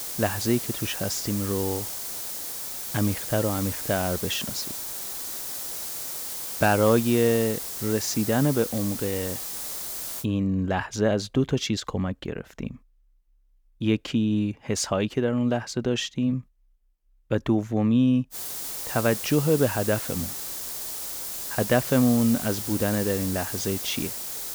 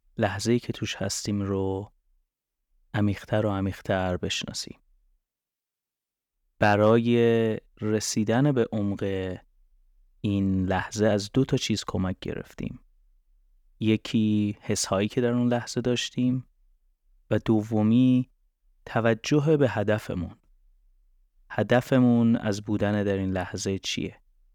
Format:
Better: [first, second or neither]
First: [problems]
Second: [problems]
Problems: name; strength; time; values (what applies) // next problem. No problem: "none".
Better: second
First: hiss; loud; until 10 s and from 18 s on; 5 dB below the speech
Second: none